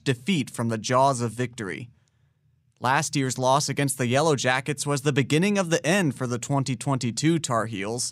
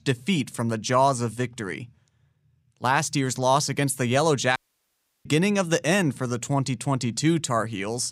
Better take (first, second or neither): first